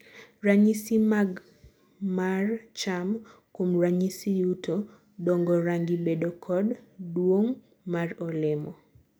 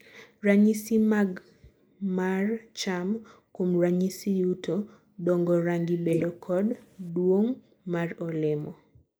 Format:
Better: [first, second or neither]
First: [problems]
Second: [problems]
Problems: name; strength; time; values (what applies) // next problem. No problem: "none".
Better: first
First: none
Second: noise reduction (neural mask model Resemble Enhance denoiser)